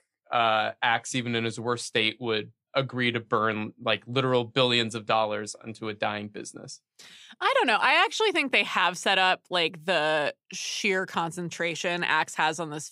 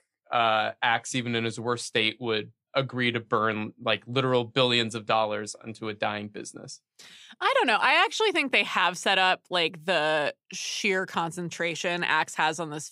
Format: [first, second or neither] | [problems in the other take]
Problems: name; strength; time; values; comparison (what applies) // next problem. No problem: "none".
neither | none